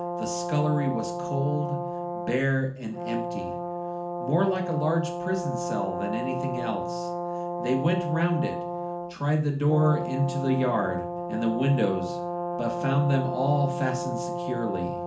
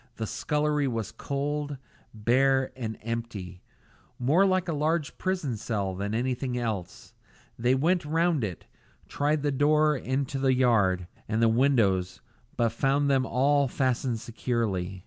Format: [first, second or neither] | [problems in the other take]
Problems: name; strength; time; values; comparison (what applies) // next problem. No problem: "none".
second | background sound (Brass instrument); 4 dB below the speech // room echo; dies away in 0.4 s